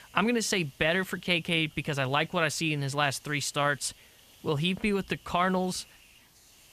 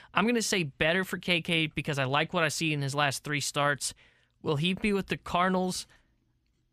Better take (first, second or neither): second